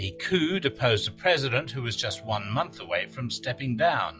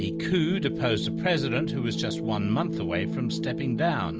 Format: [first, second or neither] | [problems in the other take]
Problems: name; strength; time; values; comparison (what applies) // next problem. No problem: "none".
second | noise reduction (classical method log-MMSE)